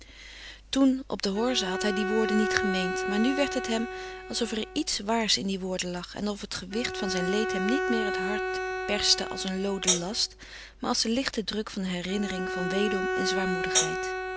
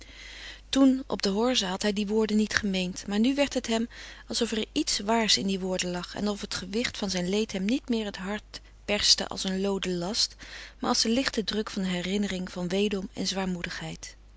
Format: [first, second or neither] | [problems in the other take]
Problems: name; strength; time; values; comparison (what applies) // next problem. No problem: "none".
second | background sound (Bowed string instrument + Hi-hat); 3 dB below the speech